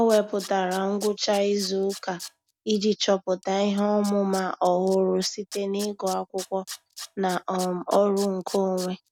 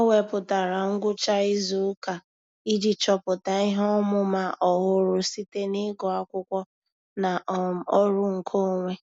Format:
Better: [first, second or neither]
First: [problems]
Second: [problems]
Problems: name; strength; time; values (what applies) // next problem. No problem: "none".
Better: second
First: background sound (Tools); 18 dB below the speech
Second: none